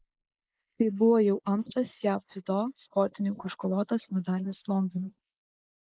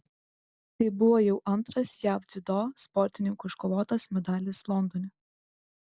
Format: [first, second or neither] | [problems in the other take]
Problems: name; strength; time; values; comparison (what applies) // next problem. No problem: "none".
second | noise reduction (neural mask model Resemble Enhance denoiser)